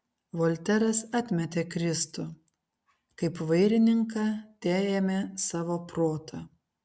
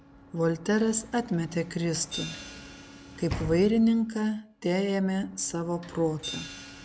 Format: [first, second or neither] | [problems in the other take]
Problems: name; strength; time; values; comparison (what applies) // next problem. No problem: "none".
first | background sound (Hi-hat + Sliding door / Slam); 14 dB below the speech